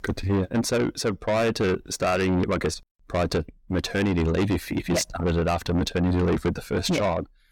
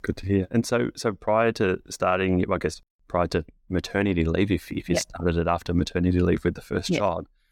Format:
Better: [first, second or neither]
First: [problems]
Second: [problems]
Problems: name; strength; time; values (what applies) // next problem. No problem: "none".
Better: second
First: distortion; heavy; 7 dB below the speech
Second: none